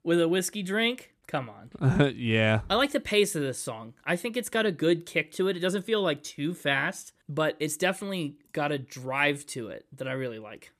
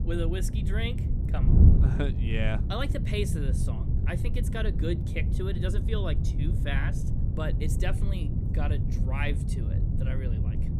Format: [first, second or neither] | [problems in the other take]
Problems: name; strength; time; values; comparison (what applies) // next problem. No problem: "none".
first | wind noise on the microphone; heavy; 4 dB below the speech